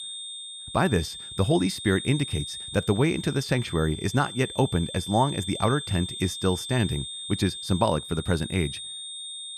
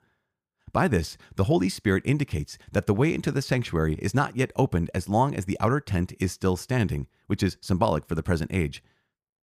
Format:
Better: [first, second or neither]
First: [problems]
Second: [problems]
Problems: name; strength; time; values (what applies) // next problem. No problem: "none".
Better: second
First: high-pitched whine; loud; throughout; 3.5 kHz, 8 dB below the speech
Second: none